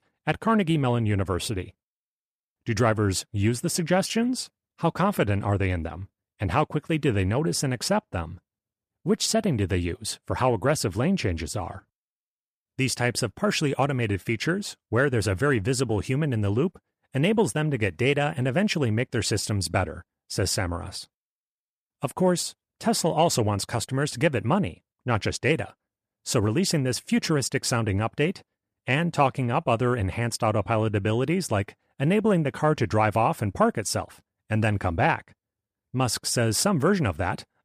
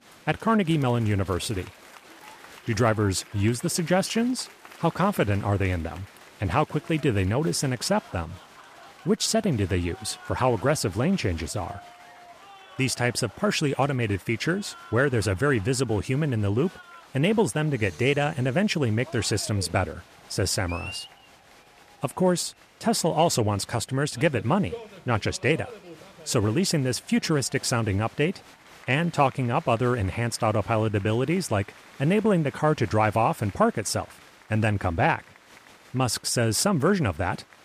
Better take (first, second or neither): first